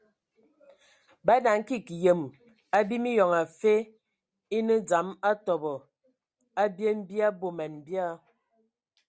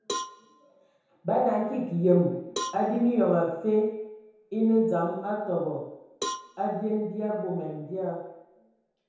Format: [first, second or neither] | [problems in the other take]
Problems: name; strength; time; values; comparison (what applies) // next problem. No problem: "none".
first | background sound (Cowbell); 13 dB below the speech // room echo; dies away in 0.9 s